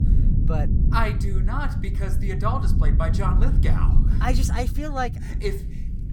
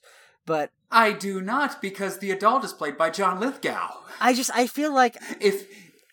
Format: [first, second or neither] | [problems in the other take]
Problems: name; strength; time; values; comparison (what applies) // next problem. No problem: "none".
second | low rumble; loud; throughout; 8 dB below the speech